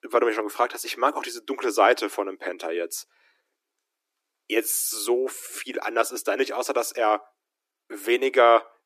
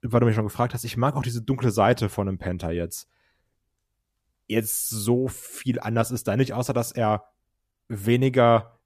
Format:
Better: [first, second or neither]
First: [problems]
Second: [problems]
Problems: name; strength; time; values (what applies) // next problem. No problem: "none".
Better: second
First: thin; very; fading below 300 Hz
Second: none